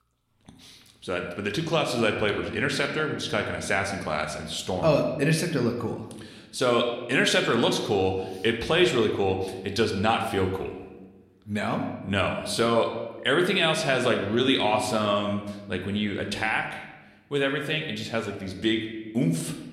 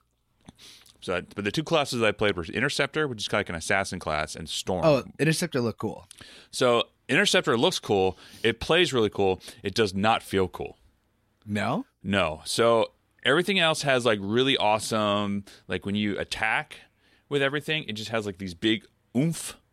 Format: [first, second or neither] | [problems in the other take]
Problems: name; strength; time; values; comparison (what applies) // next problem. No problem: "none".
second | room echo; slight; dies away in 1 s